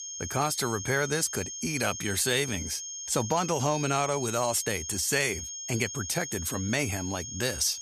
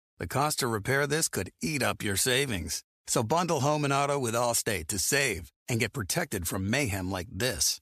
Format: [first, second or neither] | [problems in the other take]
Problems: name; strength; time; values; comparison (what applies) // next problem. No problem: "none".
second | high-pitched whine; loud; throughout; 6.5 kHz, 7 dB below the speech